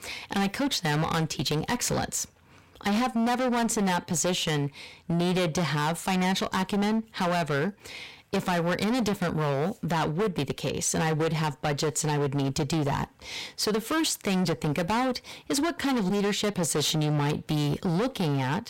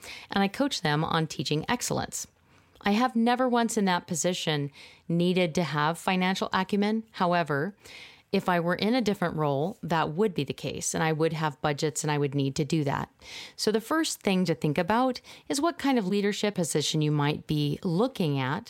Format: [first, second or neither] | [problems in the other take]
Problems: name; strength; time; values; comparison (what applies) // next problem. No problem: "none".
second | distortion; heavy; 23% of the sound clipped